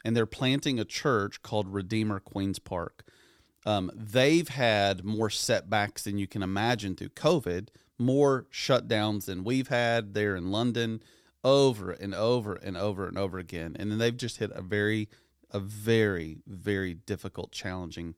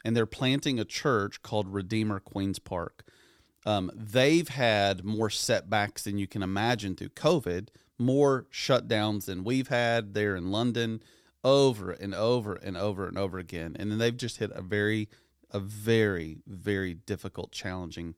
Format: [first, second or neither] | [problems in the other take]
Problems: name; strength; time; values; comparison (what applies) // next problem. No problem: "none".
neither | none